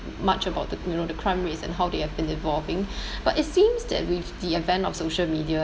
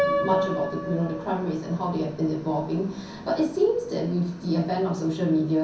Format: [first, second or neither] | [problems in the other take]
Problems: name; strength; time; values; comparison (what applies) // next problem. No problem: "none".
first | background sound (Piano); 7 dB below the speech // room echo; dies away in 0.6 s